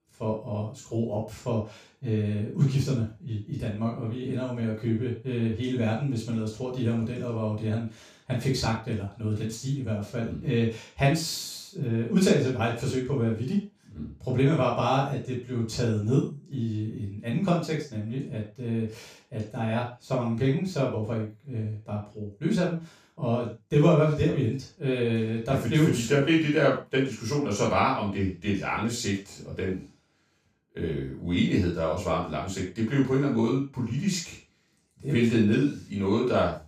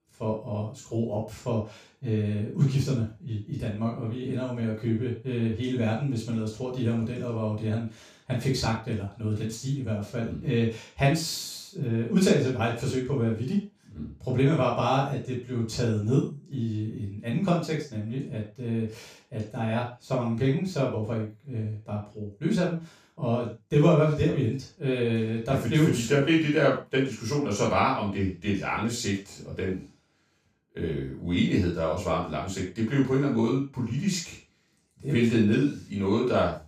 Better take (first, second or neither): neither